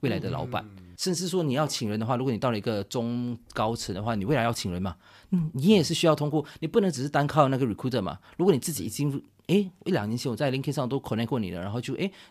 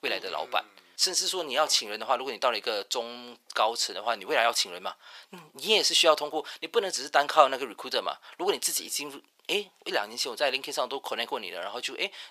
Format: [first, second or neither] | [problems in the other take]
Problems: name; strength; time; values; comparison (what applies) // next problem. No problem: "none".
first | thin; very; fading below 550 Hz